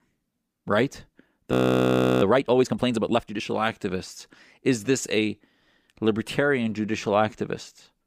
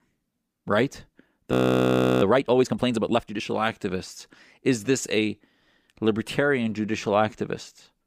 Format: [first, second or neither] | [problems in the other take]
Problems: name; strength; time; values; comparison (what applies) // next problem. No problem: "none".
neither | audio freezing; at 1.5 s for 0.5 s; the same in both